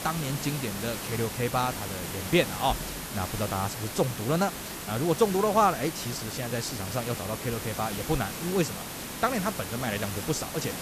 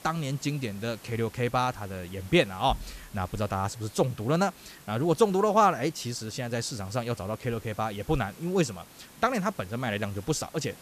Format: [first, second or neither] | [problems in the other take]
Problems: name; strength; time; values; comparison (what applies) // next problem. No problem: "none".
second | hiss; loud; throughout; 5 dB below the speech; faint in the second